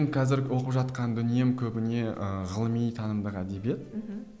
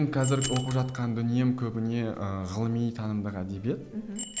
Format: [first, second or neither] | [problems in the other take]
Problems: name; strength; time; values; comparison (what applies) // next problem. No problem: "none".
first | background sound (Splash, splatter + Bicycle bell); 13 dB below the speech